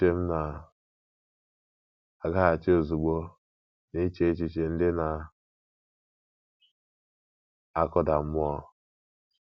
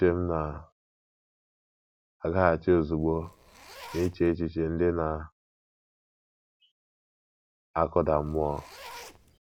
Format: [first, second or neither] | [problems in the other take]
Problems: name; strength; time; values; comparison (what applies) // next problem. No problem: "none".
first | background sound (Zipper (clothing)); 18 dB below the speech